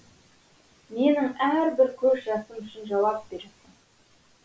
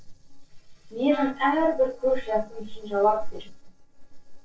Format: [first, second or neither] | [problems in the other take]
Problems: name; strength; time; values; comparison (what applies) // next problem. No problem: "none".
first | noise reduction (neural separator model SepFormer DNS4)